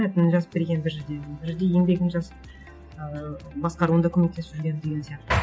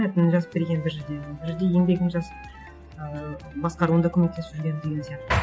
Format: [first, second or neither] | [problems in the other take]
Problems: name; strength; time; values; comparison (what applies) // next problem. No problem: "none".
first | background sound (Wind instrument, woodwind instrument); 20 dB below the speech